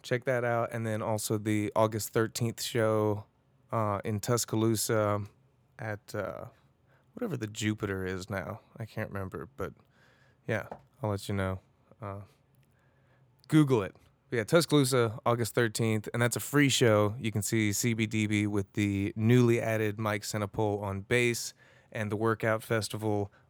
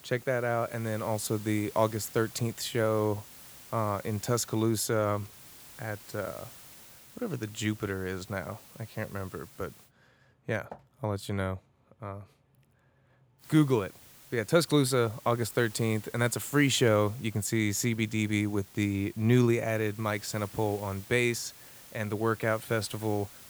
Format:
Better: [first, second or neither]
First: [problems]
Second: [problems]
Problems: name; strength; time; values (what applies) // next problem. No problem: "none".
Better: first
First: none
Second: hiss; noticeable; until 10 s and from 13 s on; 20 dB below the speech